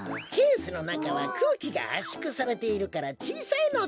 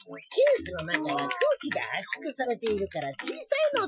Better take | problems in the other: first | noise reduction (classical method Wiener filter)

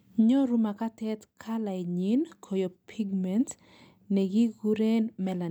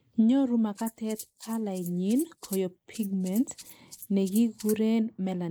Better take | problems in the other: first | noise reduction (neural mask model Resemble Enhance denoiser)

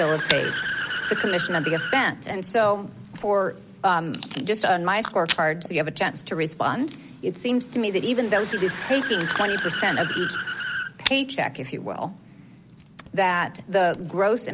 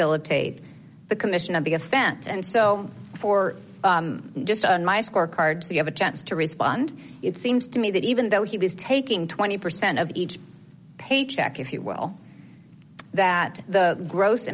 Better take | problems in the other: second | background sound (Accelerating, revving, vroom / Car + Packing tape, duct tape / Tearing); 7 dB below the speech

